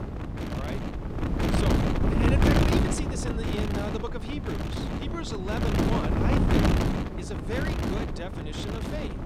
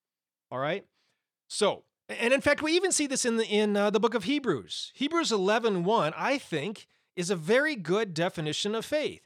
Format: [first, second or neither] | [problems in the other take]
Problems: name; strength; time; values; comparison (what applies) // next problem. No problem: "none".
second | wind noise on the microphone; heavy; 5 dB above the speech